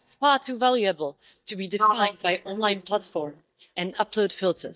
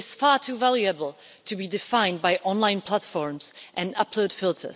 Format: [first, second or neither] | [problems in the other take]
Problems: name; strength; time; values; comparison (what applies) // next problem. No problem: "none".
second | noise reduction (neural mask model DeepFilterNet 3)